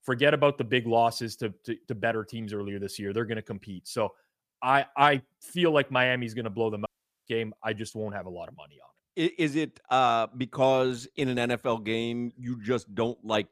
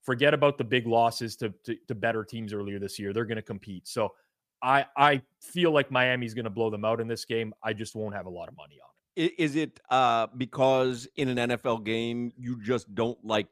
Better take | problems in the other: second | audio cutting out; at 7 s

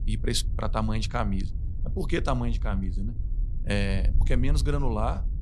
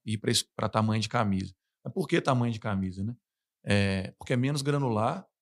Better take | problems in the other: second | wind noise on the microphone; occasional gusts; 20 dB below the speech

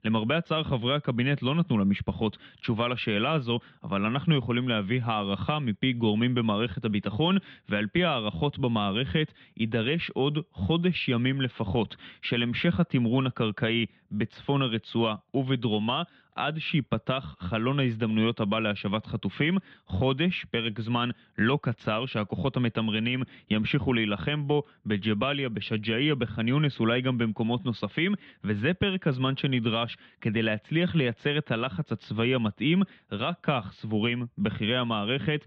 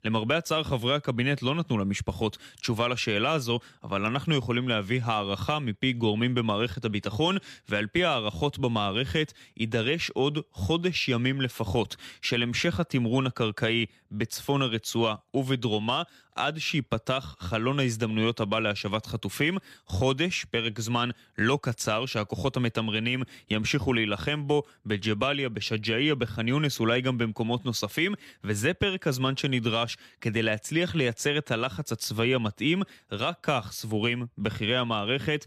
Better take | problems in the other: second | muffled; very; fading above 3.5 kHz

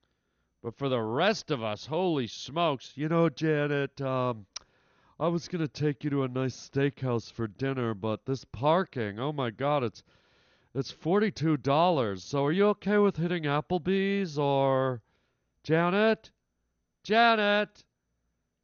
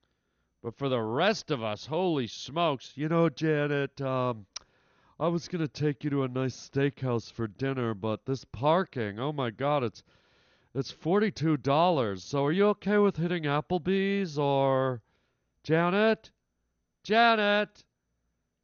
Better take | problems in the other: neither | garbled, watery; slightly; nothing above 6.5 kHz; the same in both

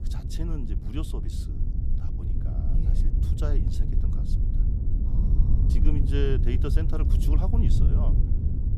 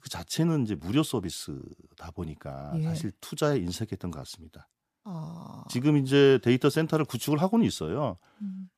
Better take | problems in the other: second | low rumble; loud; throughout; 3 dB below the speech

